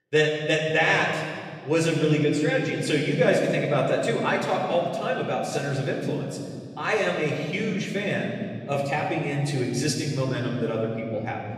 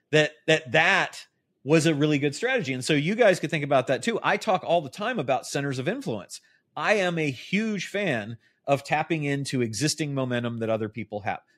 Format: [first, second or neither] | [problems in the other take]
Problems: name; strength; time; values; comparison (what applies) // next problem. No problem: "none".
second | room echo; noticeable; dies away in 2.2 s // off-mic speech; somewhat distant